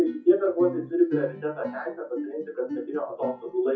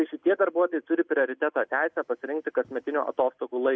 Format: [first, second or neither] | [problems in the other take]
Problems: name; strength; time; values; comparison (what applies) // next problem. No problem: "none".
second | noise reduction (classical method WPE with log-MMSE)